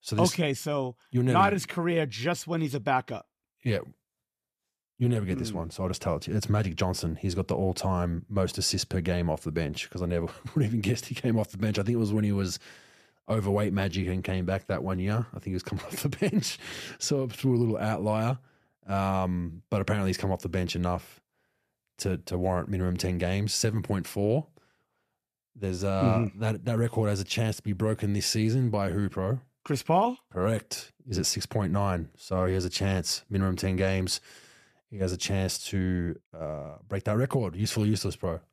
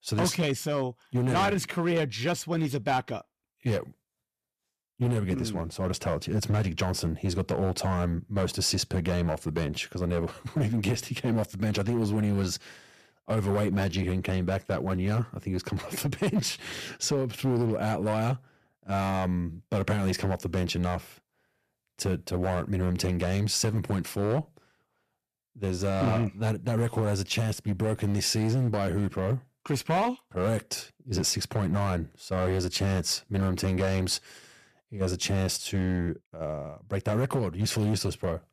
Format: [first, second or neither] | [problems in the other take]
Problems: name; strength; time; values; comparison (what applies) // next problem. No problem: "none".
first | distortion; slight; 7% of the sound clipped